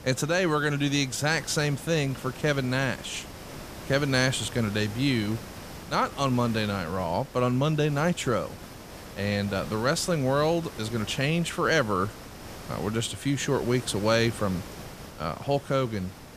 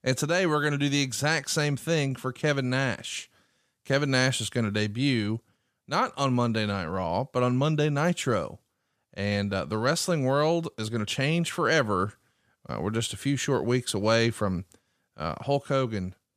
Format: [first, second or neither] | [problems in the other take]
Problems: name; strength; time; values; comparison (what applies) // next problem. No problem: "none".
second | hiss; noticeable; throughout; 15 dB below the speech